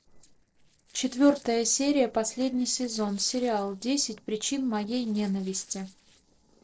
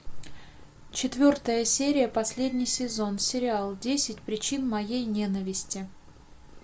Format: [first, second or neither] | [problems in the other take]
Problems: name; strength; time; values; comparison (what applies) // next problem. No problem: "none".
second | noise reduction (neural separator model SepFormer DNS4)